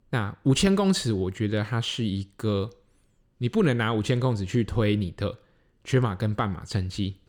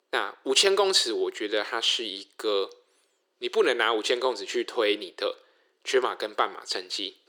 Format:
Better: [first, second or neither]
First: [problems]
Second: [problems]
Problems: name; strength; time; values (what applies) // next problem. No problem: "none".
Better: first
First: none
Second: thin; very; fading below 350 Hz